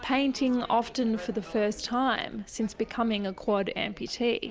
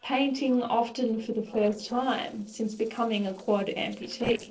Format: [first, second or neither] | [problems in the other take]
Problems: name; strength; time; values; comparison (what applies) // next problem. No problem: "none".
first | noise reduction (neural separator model SepFormer DNS4)